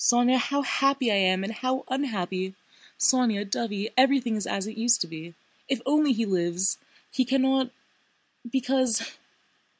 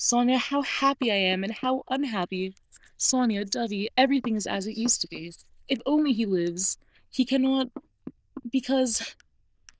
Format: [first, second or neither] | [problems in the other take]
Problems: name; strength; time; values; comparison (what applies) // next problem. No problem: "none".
first | noise reduction (neural diffusion model UNIVERSE++)